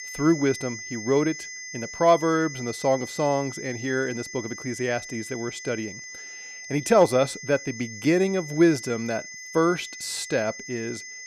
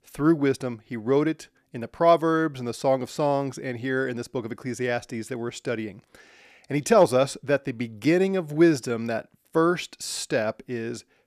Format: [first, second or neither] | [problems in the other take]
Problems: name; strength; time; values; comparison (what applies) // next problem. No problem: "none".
second | high-pitched whine; noticeable; throughout; 2 kHz, 10 dB below the speech